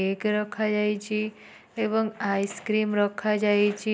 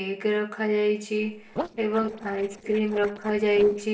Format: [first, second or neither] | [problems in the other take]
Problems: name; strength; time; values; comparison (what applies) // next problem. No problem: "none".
first | noise reduction (neural separator model SepFormer DNS4)